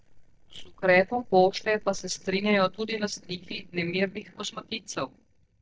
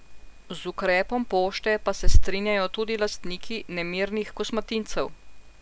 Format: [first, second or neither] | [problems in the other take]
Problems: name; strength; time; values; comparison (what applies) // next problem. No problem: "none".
second | noise reduction (neural mask model DeepFilterNet 3)